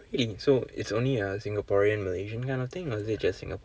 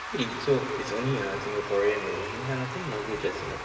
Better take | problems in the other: first | background sound (Applause / Crowd / Cheering); 7 dB below the speech // room echo; dies away in 2.1 s

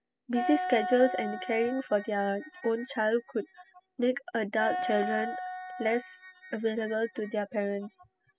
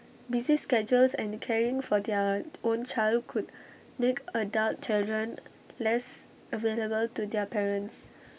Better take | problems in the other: second | noise reduction (classical method spectral subtraction)

